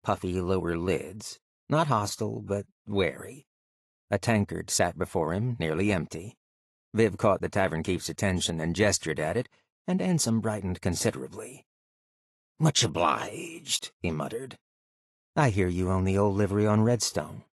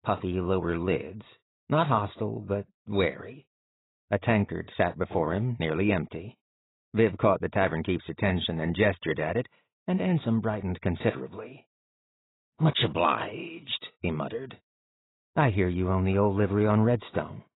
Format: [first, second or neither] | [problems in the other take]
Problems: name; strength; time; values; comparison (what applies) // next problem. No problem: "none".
first | garbled, watery; badly; nothing above 4 kHz; slightly in the first